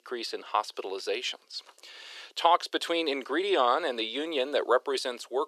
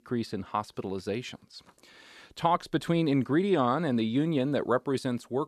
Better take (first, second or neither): second